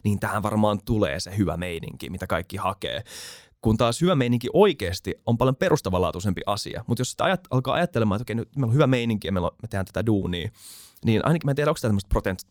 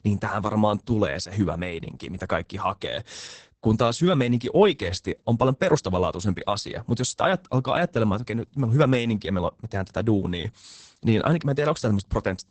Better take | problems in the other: first | garbled, watery; badly; nothing above 8 kHz

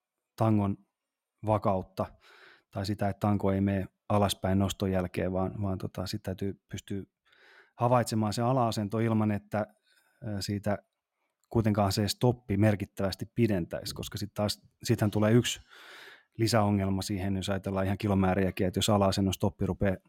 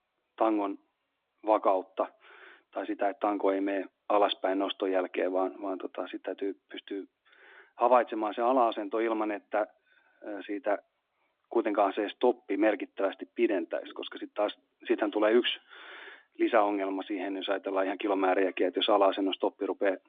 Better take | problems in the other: first | phone-call audio

